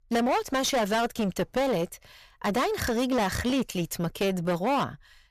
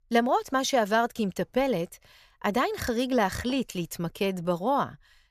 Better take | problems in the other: second | distortion; heavy; 20% of the sound clipped

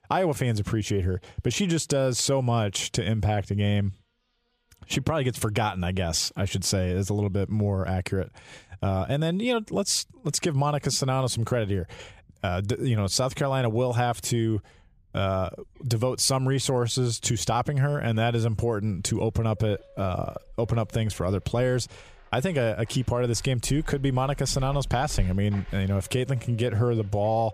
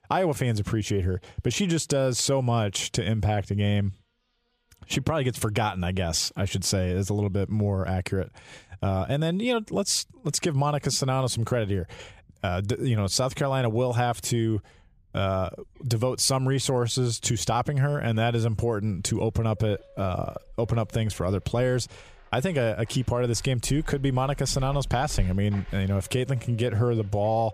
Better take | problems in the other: neither | animal sounds; faint; throughout; 20 dB below the speech; the same in both

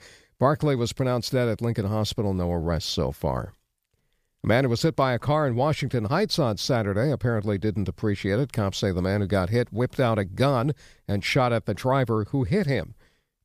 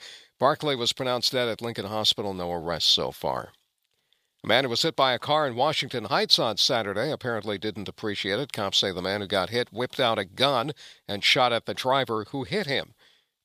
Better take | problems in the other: first | thin; somewhat; fading below 1 kHz

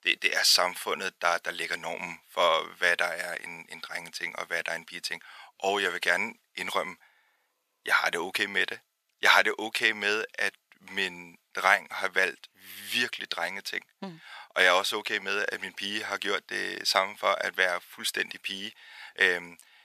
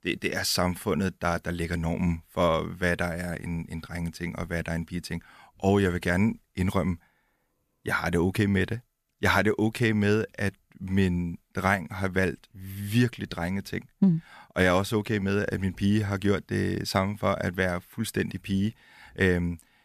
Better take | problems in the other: second | thin; very; fading below 700 Hz

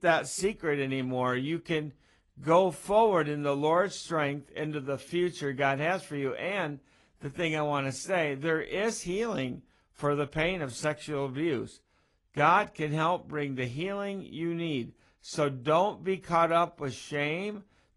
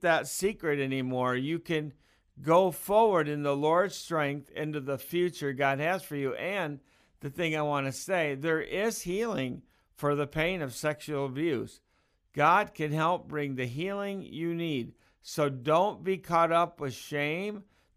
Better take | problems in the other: second | garbled, watery; slightly; nothing above 11 kHz

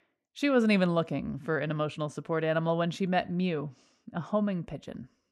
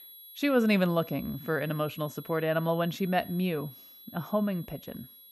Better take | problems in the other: first | high-pitched whine; noticeable; throughout; 11.5 kHz, 15 dB below the speech

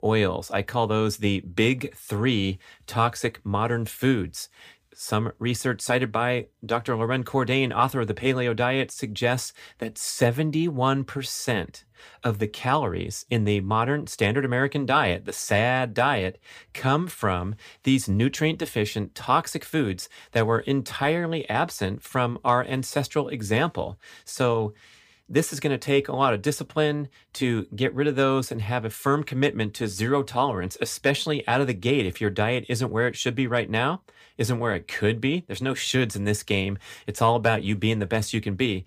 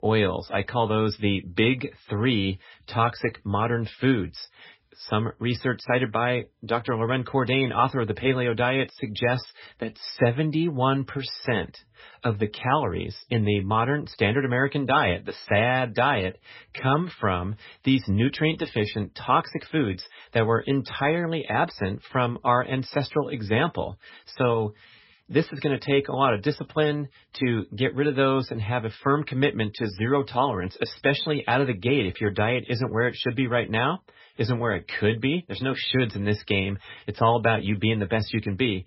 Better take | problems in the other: first | garbled, watery; badly; nothing above 5.5 kHz

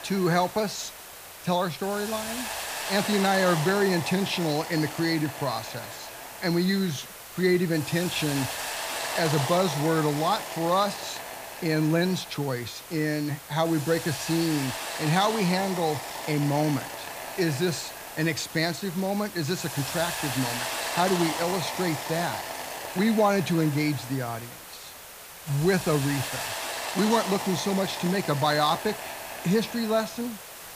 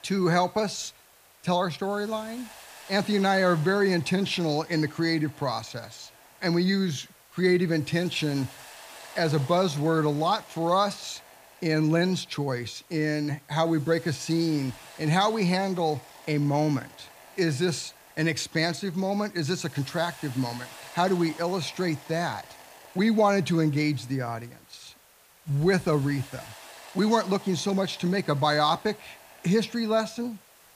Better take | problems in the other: second | hiss; loud; throughout; 7 dB below the speech; faint in the second

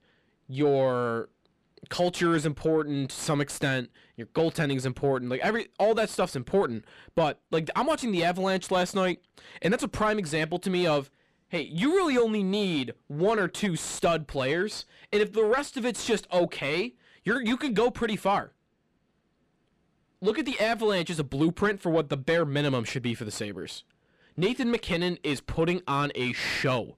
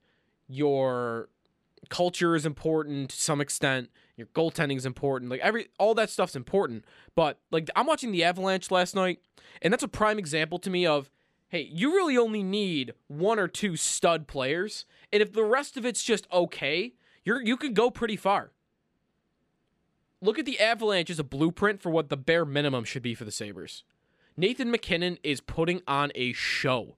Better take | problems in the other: second | distortion; slight; 10 dB below the speech

